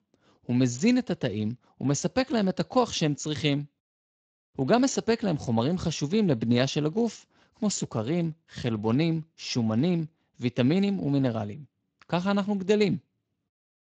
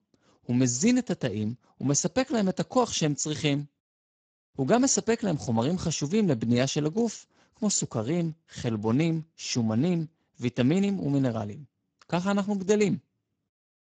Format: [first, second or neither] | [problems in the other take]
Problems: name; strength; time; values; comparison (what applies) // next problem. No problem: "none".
first | garbled, watery; badly; nothing above 7.5 kHz; slightly in the first